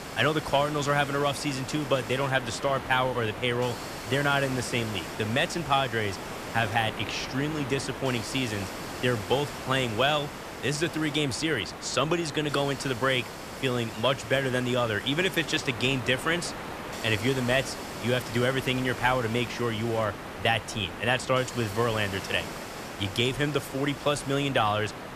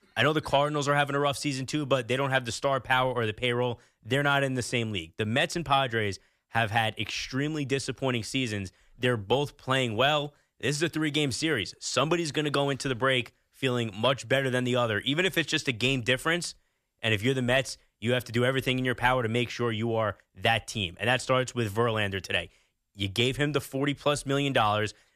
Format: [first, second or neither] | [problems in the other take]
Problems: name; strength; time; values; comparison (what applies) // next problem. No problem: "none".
second | hiss; loud; throughout; 10 dB below the speech